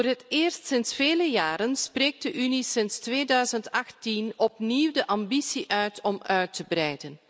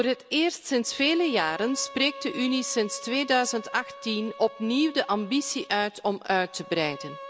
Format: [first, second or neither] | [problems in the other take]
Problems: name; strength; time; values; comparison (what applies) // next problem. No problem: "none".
first | background sound (Bowed string instrument); 16 dB below the speech